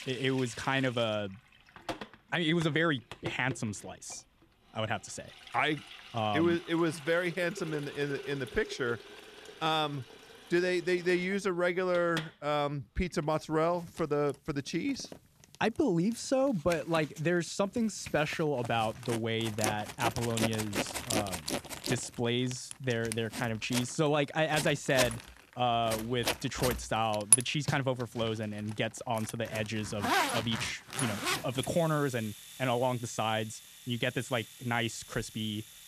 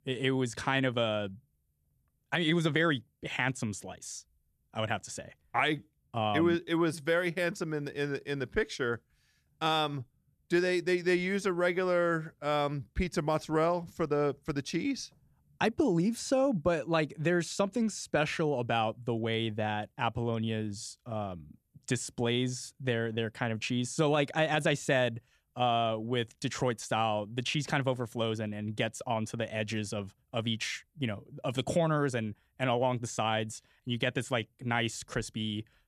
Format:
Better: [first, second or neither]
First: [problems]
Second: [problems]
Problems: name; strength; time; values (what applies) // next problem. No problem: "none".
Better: second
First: household noises; loud; throughout; 4 dB below the speech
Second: none